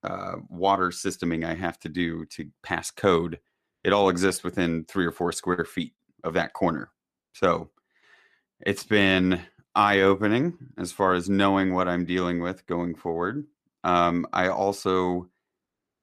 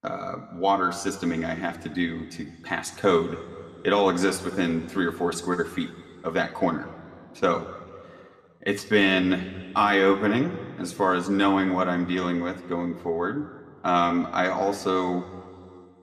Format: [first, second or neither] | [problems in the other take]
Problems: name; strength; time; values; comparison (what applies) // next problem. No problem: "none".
first | room echo; very slight; dies away in 1.6 s